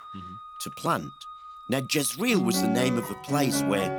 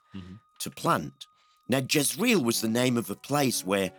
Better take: second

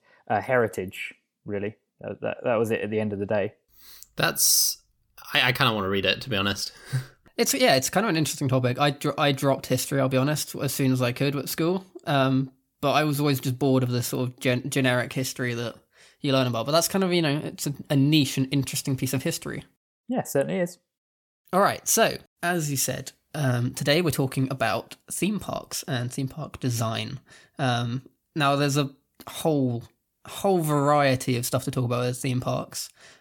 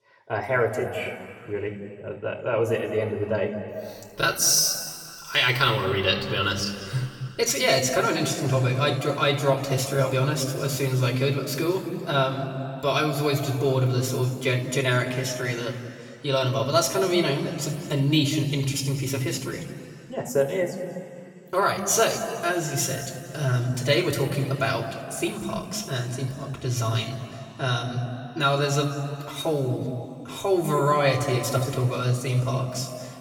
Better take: first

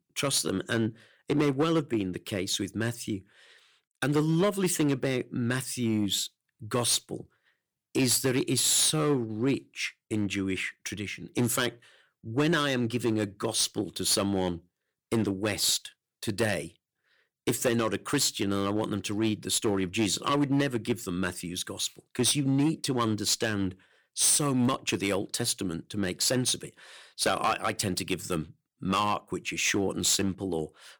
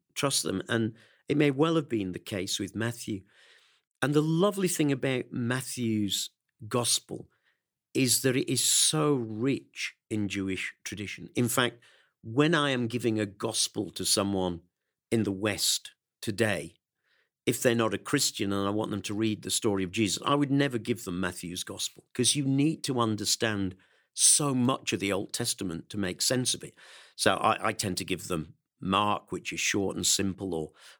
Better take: second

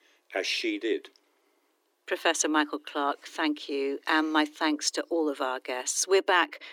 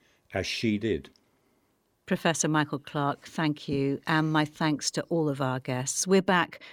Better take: second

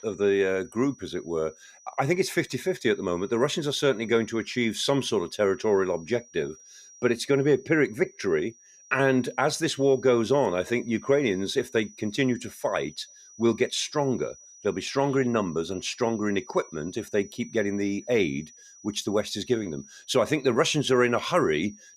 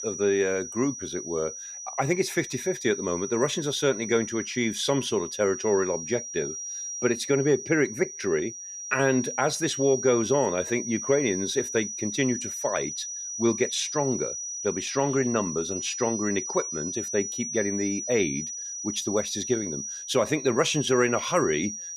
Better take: first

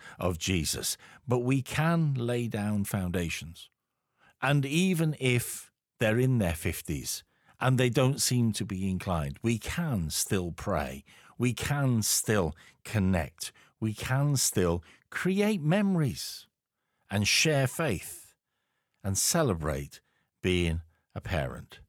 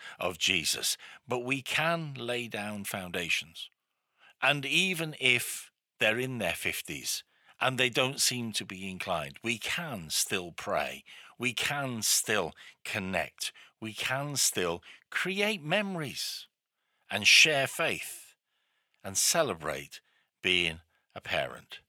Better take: first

